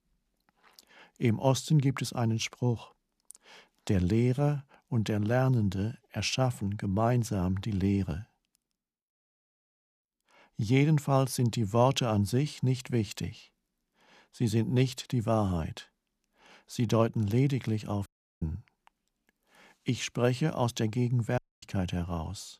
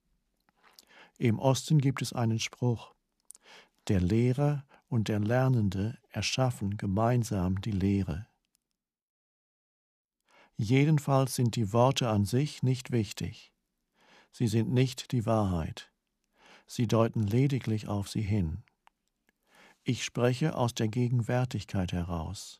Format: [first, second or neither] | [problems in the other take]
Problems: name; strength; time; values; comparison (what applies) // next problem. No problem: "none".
second | audio cutting out; at 18 s and at 21 s